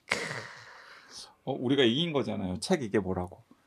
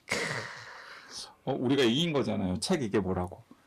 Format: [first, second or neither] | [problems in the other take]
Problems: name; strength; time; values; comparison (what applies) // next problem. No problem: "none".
first | distortion; slight; 10 dB below the speech